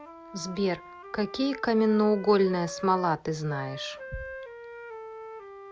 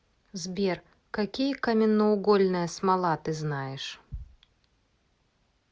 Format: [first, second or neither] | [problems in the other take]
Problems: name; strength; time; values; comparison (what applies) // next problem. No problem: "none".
second | background sound (Wind instrument, woodwind instrument); 14 dB below the speech